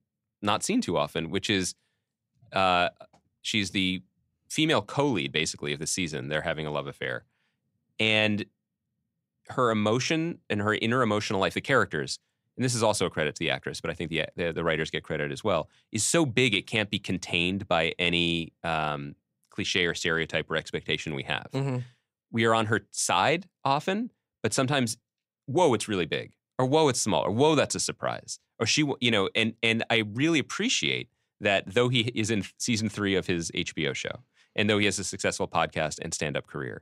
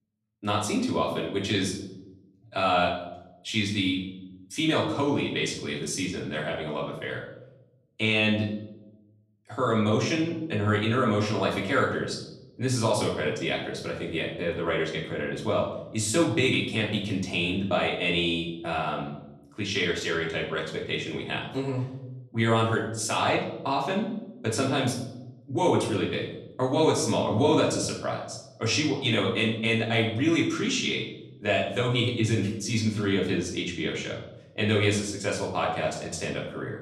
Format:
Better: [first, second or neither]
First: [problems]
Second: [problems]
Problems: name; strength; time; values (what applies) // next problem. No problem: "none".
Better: first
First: none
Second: off-mic speech; far // room echo; noticeable; dies away in 0.8 s